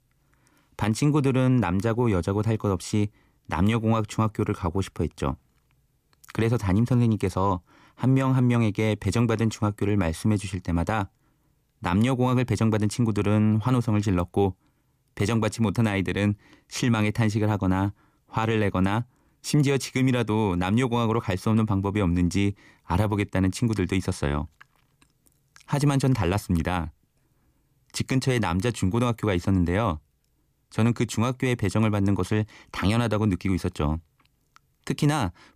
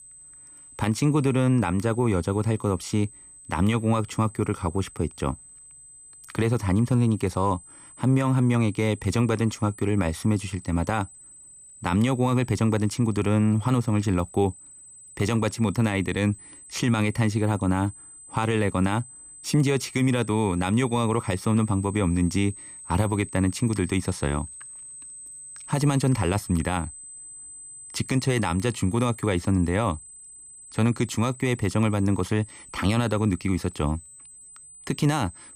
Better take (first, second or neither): first